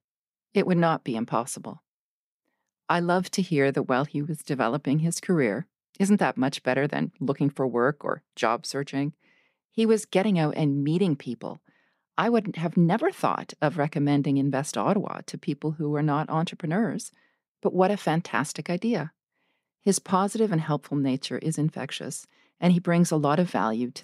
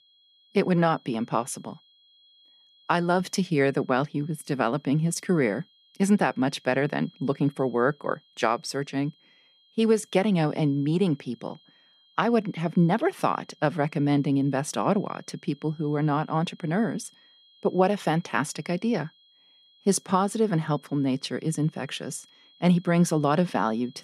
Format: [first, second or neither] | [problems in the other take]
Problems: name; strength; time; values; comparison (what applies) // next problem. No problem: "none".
first | high-pitched whine; faint; throughout; 3.5 kHz, 30 dB below the speech